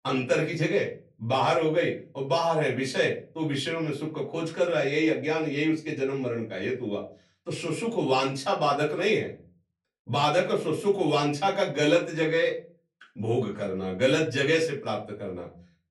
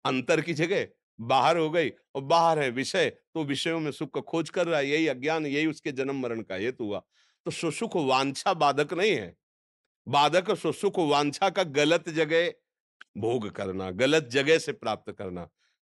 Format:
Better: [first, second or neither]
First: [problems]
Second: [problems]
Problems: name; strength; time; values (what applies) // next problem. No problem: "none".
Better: second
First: off-mic speech; far // room echo; very slight; dies away in 0.3 s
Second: none